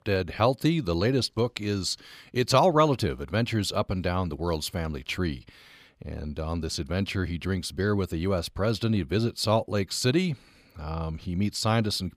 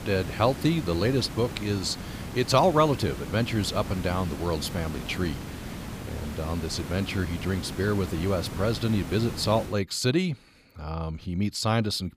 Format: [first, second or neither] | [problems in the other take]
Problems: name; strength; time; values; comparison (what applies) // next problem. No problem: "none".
first | hiss; loud; until 9.5 s; 10 dB below the speech